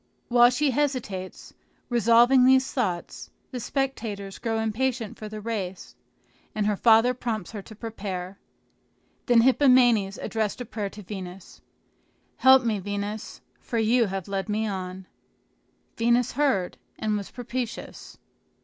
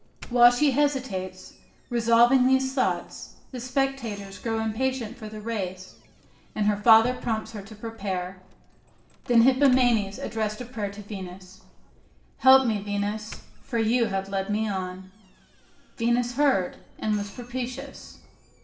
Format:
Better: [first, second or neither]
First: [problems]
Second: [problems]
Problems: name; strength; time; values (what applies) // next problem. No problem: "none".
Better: first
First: none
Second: background sound (Doorbell); 19 dB below the speech // room echo; dies away in 0.7 s